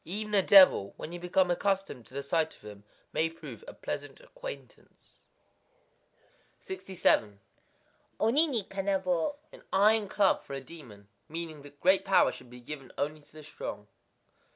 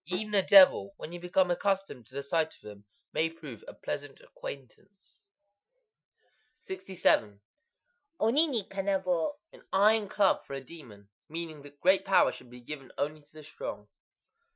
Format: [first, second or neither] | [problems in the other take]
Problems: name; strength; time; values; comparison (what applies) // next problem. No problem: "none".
first | noise reduction (classical method Wiener filter)